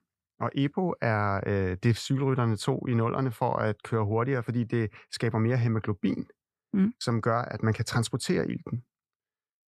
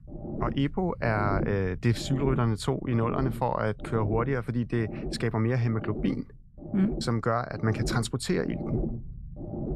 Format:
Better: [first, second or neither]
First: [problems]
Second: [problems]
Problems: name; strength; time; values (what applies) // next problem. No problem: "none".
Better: first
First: none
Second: low rumble; noticeable; throughout; 10 dB below the speech